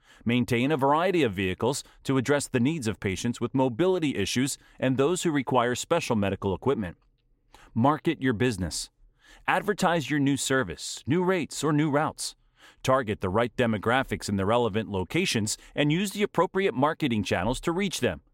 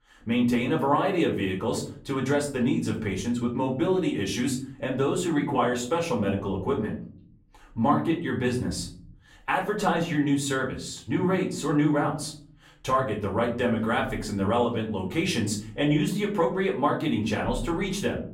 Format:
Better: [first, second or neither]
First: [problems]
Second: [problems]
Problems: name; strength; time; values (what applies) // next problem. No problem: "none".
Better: first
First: none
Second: room echo; slight; dies away in 0.5 s // off-mic speech; far